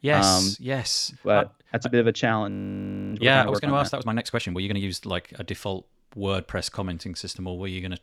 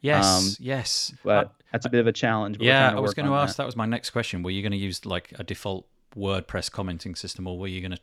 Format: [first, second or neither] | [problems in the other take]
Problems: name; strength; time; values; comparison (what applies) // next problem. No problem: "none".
second | audio freezing; at 2.5 s for 0.5 s